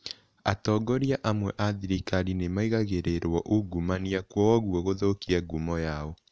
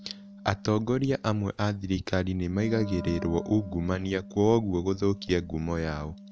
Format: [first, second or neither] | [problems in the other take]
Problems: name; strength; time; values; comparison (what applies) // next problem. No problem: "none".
first | background sound (Wind instrument, woodwind instrument); 15 dB below the speech